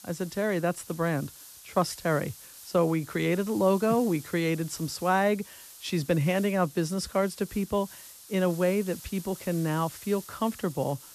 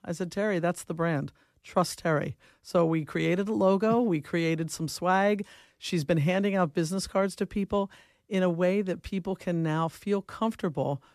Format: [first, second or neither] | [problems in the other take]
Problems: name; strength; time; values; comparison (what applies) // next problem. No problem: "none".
second | hiss; noticeable; throughout; 15 dB below the speech